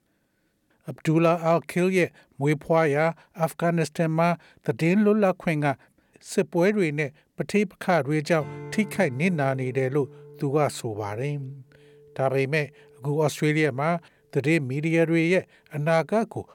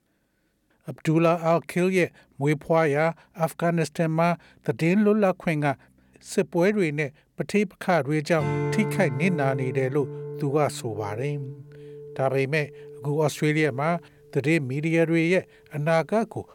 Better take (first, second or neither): first